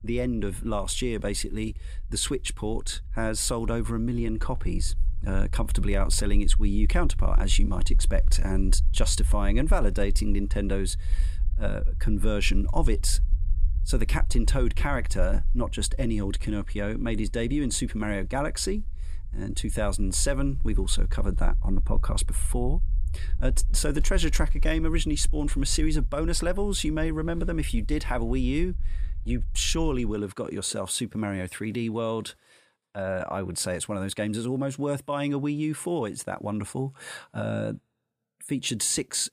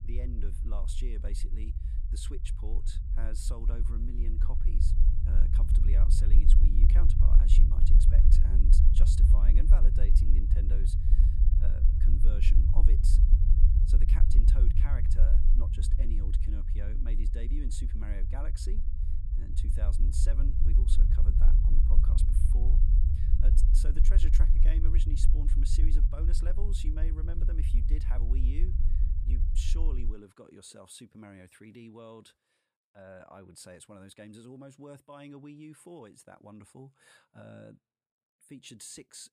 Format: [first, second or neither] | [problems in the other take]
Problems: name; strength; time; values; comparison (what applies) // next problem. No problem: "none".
first | low rumble; loud; until 30 s; 1 dB below the speech; faint in the first